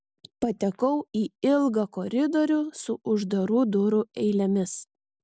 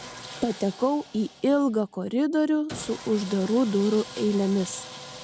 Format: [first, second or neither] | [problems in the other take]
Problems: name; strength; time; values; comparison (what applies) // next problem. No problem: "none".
first | background sound (Sawing); 16 dB below the speech